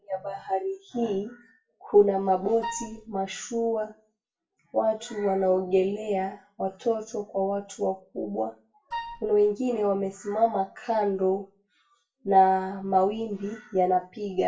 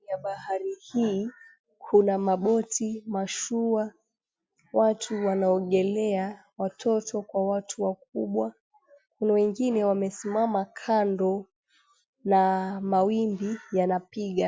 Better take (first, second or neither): second